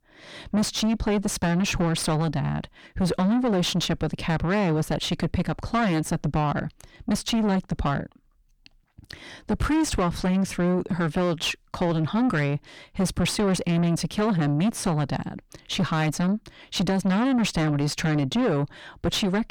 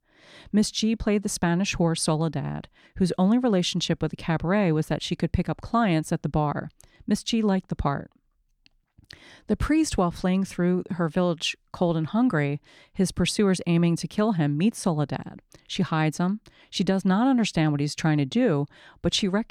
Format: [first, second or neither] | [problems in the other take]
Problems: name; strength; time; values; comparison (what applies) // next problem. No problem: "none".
second | distortion; heavy; 5 dB below the speech